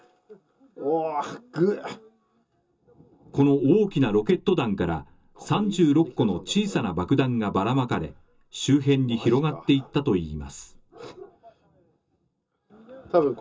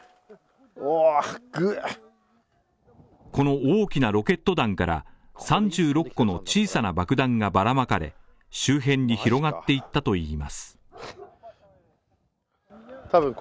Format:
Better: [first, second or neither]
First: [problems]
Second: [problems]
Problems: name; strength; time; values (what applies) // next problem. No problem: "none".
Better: second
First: room echo; dies away in 0.2 s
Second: none